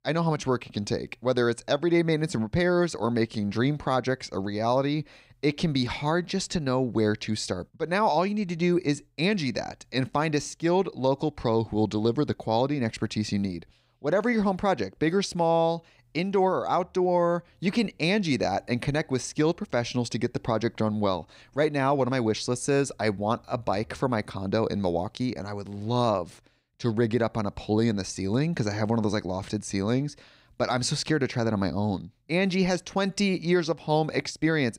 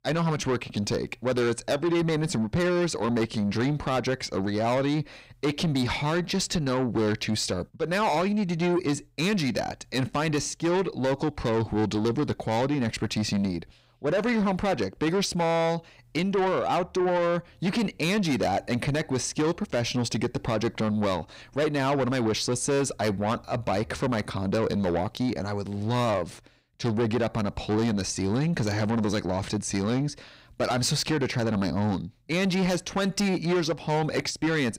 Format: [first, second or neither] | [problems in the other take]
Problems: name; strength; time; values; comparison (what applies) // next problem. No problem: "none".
first | distortion; heavy; 8 dB below the speech